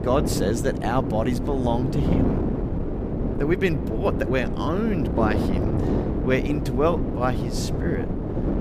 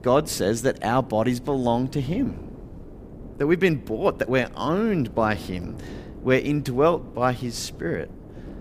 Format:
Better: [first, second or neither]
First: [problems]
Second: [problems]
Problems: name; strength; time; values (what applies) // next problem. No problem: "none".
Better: second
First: wind noise on the microphone; heavy; 4 dB below the speech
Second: wind noise on the microphone; occasional gusts; 20 dB below the speech